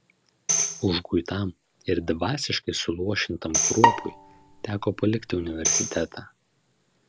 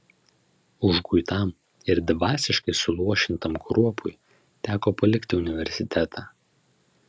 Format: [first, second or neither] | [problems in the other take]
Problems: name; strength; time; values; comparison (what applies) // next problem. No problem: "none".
second | background sound (Bowed string instrument + Tambourine); 1 dB above the speech